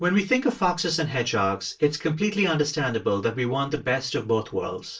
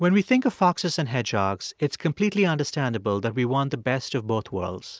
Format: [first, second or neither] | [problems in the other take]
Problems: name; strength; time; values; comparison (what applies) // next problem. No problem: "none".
second | room echo; dies away in 0.2 s